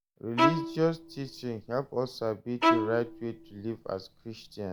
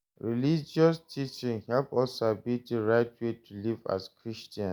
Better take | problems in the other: second | background sound (Bowed string instrument); 1 dB above the speech

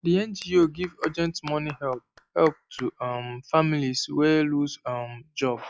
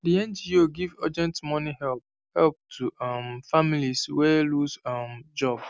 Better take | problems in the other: second | noise reduction (classical method log-MMSE)

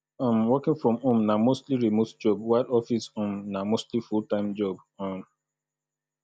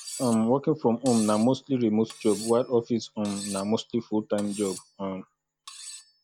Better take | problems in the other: first | background sound (Cutlery, silverware); 17 dB below the speech

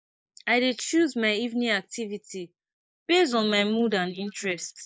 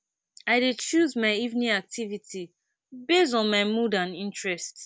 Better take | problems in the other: second | noise reduction (neural mask model Resemble Enhance denoiser)

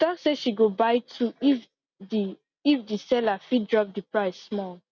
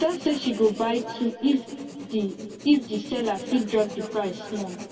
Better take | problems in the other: first | background sound (Writing); 16 dB below the speech // room echo; dies away in 2.5 s

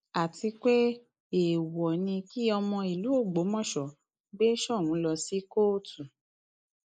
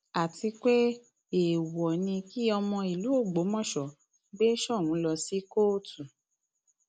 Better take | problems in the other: second | noise reduction (neural mask model Resemble Enhance denoiser)

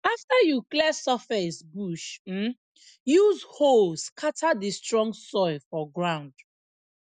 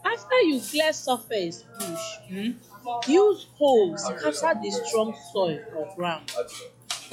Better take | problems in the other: first | noise reduction (classical method log-MMSE)

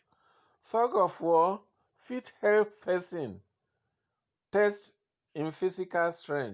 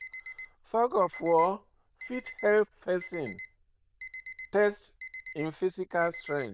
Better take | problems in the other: first | noise reduction (neural diffusion model UNIVERSE++)

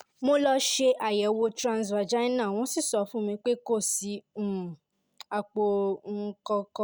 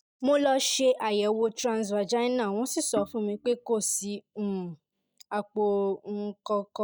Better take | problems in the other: first | noise reduction (neural mask model DeepFilterNet 3)

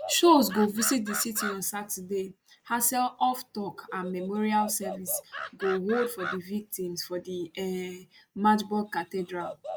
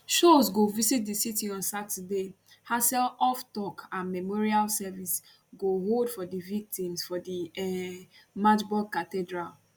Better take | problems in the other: second | noise reduction (neural mask model Resemble Enhance denoiser)

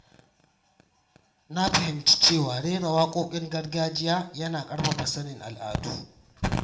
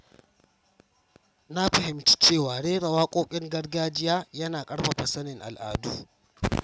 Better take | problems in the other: second | room echo; dies away in 0.4 s

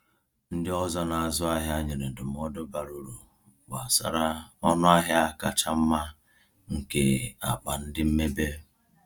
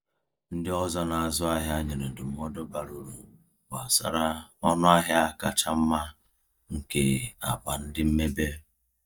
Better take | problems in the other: first | noise reduction (neural mask model DeepFilterNet 3)

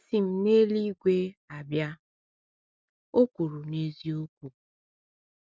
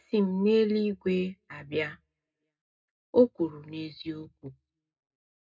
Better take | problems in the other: first | room echo; dies away in 0.2 s

